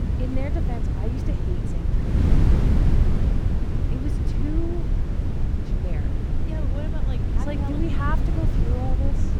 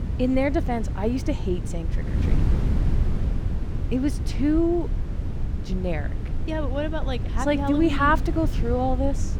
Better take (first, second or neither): second